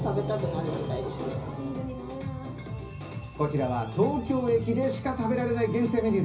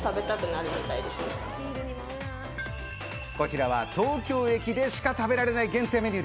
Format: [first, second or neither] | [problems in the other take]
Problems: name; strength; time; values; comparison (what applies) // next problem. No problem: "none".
second | background sound (Keyboard (musical)); 14 dB below the speech // room echo; dies away in 0.5 s